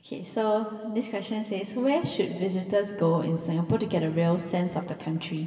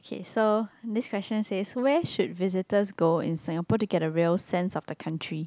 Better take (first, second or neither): second